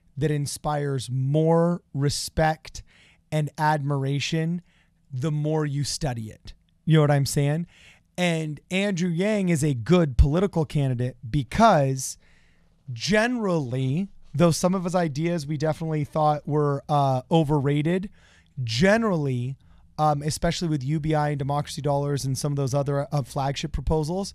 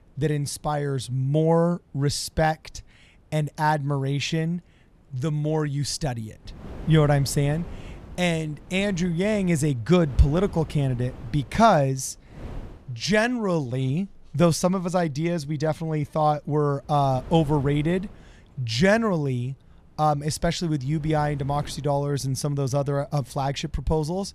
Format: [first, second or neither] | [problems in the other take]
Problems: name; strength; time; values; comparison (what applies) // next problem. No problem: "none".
first | wind noise on the microphone; occasional gusts; 20 dB below the speech